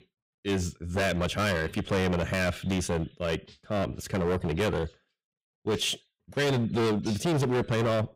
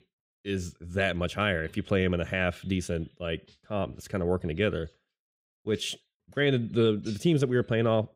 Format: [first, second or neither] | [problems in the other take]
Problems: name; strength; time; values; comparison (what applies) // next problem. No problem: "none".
second | distortion; heavy; 18% of the sound clipped